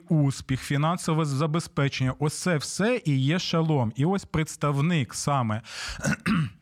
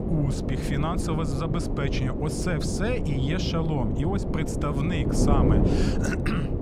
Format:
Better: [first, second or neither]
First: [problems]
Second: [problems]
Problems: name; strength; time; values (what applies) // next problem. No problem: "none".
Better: first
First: none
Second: wind noise on the microphone; heavy; 1 dB below the speech